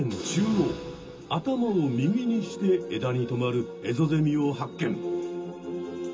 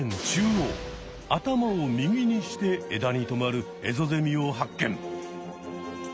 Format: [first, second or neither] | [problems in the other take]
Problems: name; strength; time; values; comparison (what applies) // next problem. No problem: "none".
second | room echo; dies away in 0.2 s